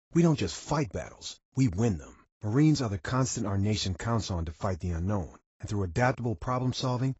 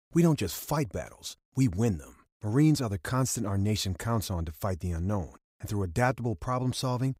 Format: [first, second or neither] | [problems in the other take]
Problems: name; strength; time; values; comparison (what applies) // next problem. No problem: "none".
second | garbled, watery; badly; nothing above 7.5 kHz